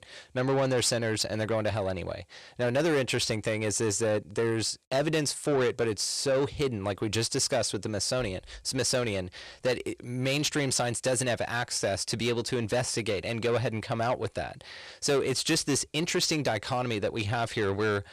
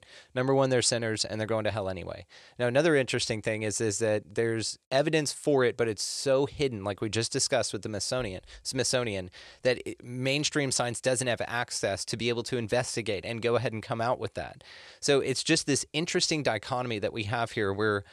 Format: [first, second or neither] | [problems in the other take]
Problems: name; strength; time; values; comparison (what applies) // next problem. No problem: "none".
second | distortion; slight; 10 dB below the speech